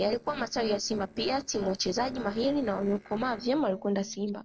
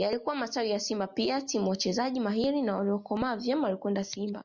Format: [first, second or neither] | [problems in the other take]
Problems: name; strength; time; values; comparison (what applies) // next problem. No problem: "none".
second | noise reduction (neural separator model SepFormer DNS4)